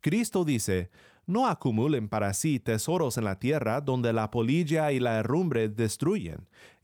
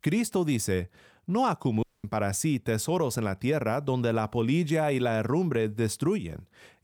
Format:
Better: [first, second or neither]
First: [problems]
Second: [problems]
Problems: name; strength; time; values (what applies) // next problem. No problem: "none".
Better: first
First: none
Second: audio cutting out; at 2 s